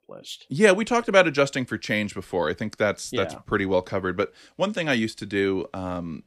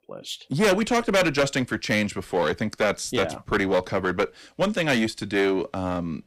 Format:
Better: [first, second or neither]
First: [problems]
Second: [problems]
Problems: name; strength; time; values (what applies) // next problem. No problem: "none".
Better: first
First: none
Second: distortion; heavy; 10% of the sound clipped